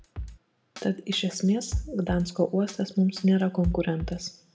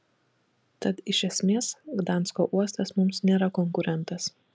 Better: second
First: background sound (Drum kit); 10 dB below the speech // room echo; dies away in 0.5 s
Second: none

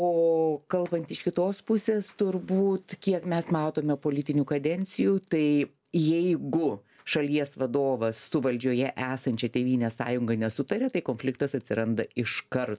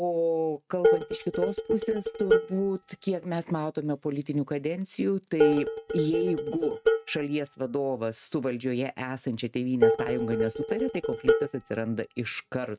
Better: first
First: none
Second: noise reduction (neural mask model RNNoise)

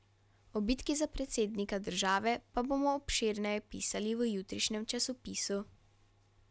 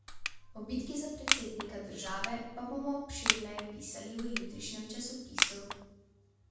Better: first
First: none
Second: background sound (Crushing); 3 dB above the speech // room echo; dies away in 1.2 s

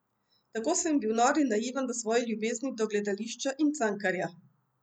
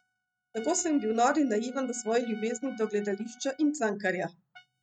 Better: first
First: none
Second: noise reduction (neural mask model RNNoise)

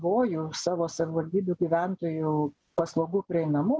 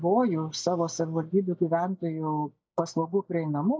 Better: first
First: none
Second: noise reduction (neural mask model DeepFilterNet 3)

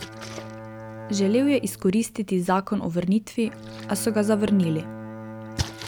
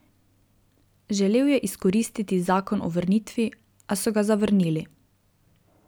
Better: second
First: background sound (Splash, splatter + Bowed string instrument); 12 dB below the speech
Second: none

